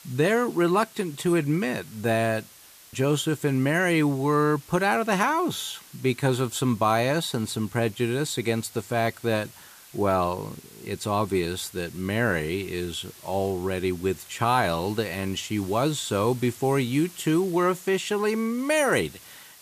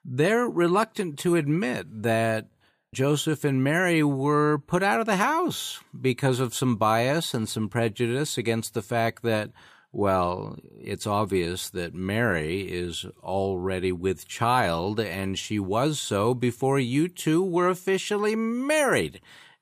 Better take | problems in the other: second | hiss; faint; throughout; 20 dB below the speech

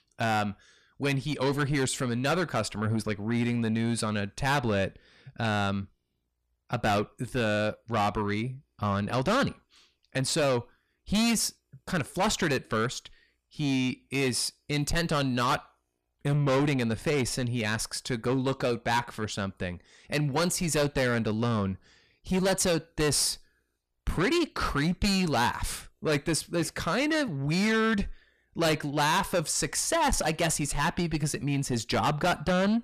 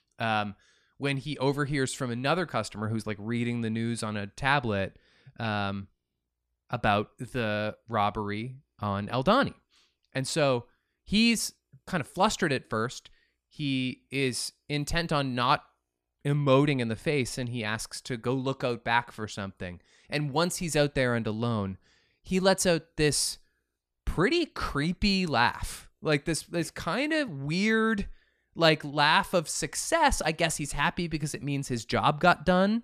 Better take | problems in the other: second | distortion; heavy; 7 dB below the speech

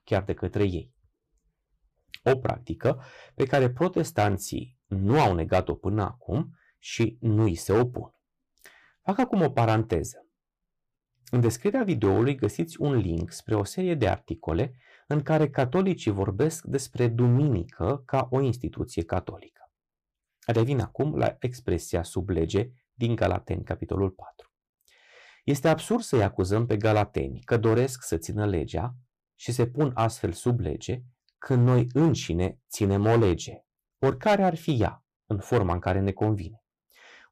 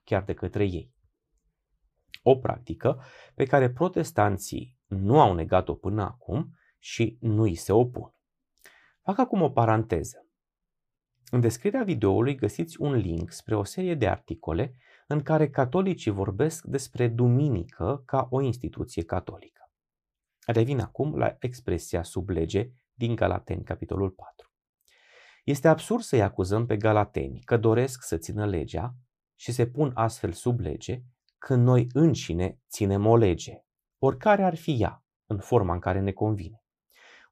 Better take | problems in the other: second | distortion; slight; 3% of the sound clipped

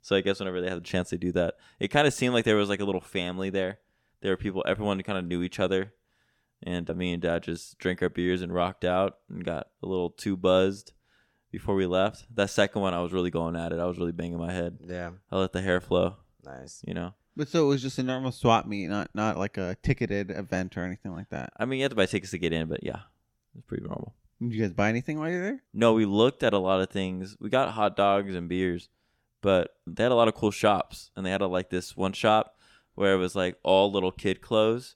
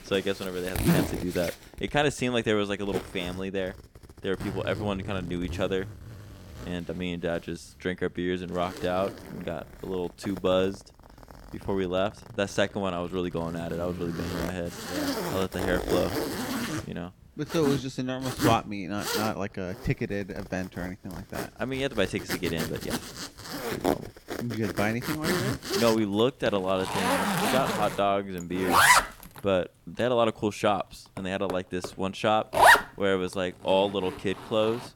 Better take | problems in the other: first | household noises; very loud; throughout; 1 dB above the speech

